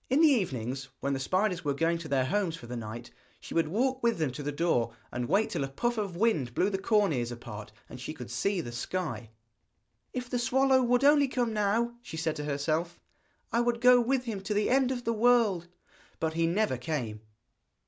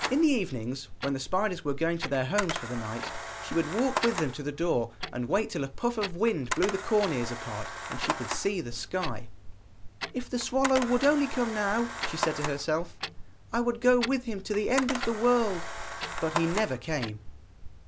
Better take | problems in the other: first | background sound (Clock + Camera); 6 dB below the speech

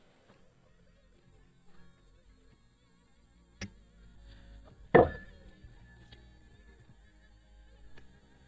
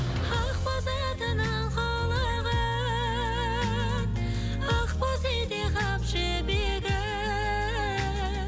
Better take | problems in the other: second | noise reduction (neural mask model DeepFilterNet 3)

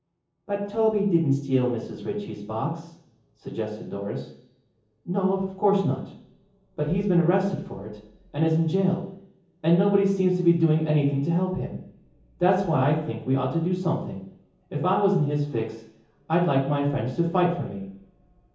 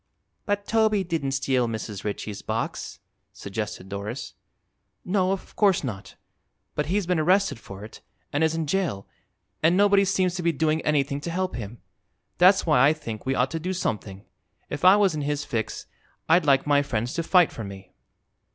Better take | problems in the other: second | room echo; dies away in 0.7 s

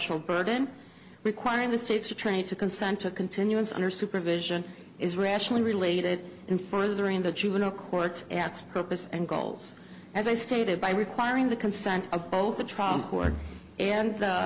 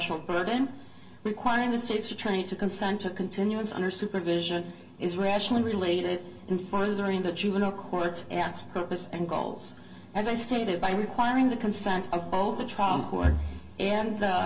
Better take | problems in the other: first | room echo; dies away in 0.2 s

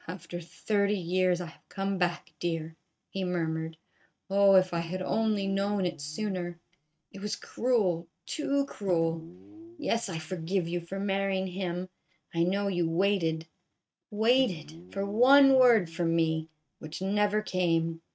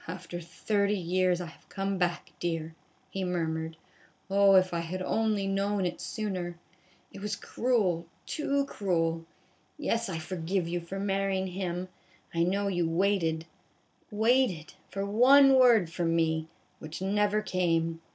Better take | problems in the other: second | noise reduction (neural mask model RNNoise)

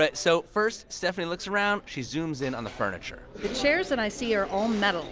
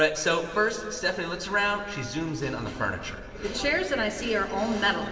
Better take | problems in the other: first | room echo; dies away in 2.9 s

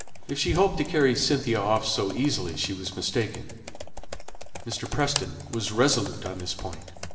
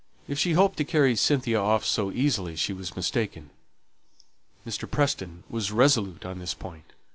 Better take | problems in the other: second | background sound (Computer keyboard); 12 dB below the speech // room echo; dies away in 1.2 s

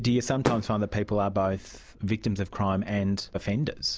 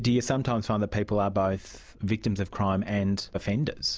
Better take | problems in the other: second | background sound (Fireworks); 12 dB below the speech

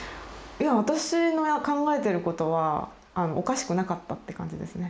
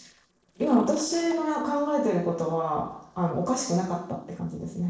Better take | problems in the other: first | noise reduction (neural separator model SepFormer DNS4)

